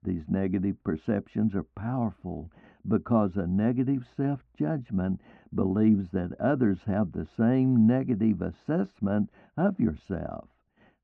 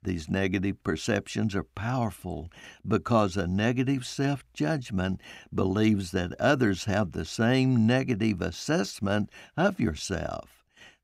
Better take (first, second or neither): second